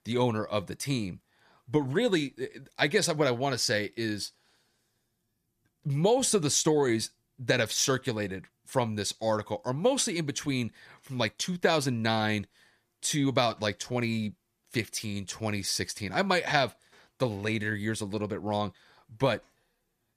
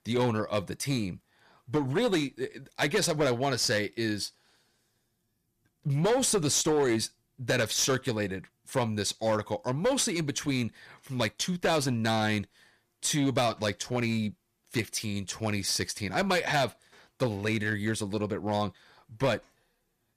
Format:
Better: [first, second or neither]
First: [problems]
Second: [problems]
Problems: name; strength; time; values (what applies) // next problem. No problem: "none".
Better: first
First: none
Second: distortion; slight; 5% of the sound clipped